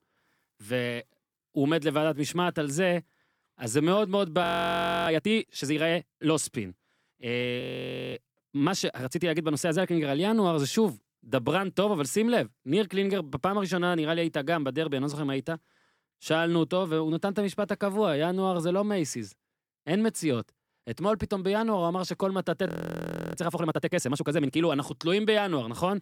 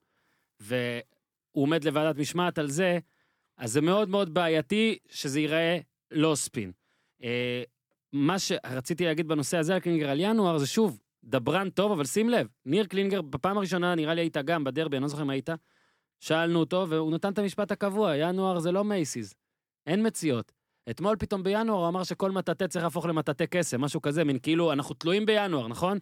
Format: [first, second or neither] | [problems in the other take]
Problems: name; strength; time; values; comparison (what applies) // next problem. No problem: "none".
second | audio freezing; at 4.5 s for 0.5 s, at 7.5 s for 0.5 s and at 23 s for 0.5 s